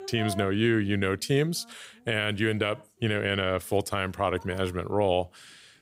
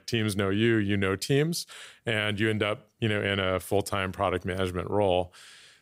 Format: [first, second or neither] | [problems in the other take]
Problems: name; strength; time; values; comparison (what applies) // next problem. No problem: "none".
second | rain or running water; noticeable; throughout; 20 dB below the speech